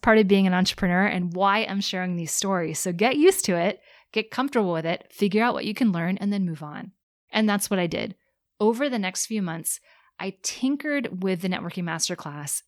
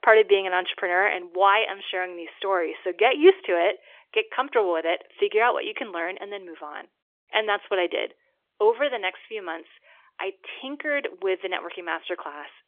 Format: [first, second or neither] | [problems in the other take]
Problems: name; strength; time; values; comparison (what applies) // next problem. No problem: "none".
first | phone-call audio; nothing above 3.5 kHz